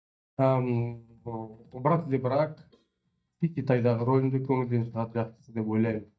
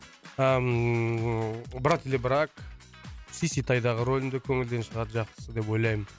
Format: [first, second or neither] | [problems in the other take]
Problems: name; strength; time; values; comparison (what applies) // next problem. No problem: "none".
second | noise reduction (neural mask model DeepFilterNet 3)